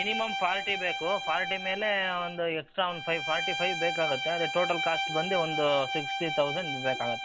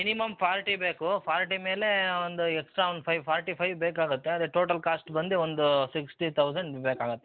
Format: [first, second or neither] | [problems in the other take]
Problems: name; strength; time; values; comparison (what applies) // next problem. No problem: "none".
second | background sound (Bowed string instrument); 3 dB below the speech